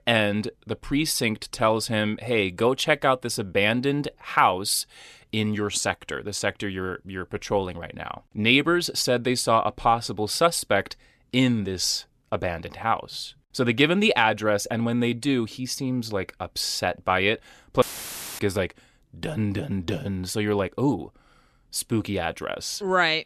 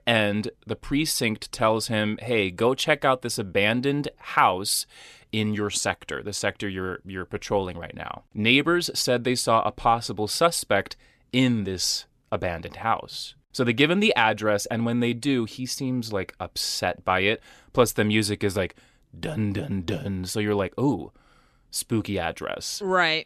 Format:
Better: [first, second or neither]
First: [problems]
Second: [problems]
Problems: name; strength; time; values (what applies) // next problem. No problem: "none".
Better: second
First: audio cutting out; filled with static; at 18 s for 0.5 s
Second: none